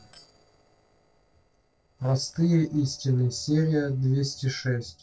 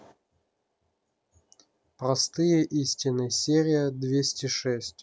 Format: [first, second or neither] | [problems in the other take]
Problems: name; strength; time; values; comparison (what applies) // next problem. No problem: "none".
second | noise reduction (neural separator model SepFormer DNS4)